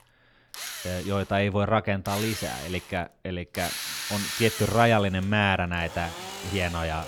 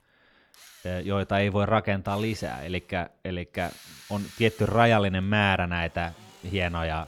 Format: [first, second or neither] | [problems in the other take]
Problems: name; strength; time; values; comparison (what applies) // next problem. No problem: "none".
second | machinery noise; loud; throughout; 7 dB below the speech; faint in the second